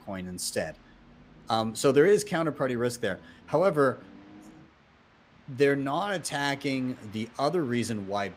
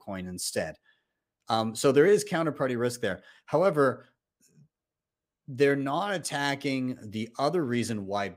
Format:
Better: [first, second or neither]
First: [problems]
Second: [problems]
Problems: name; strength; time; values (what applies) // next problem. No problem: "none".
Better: second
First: train or aircraft noise; faint; throughout; 25 dB below the speech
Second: none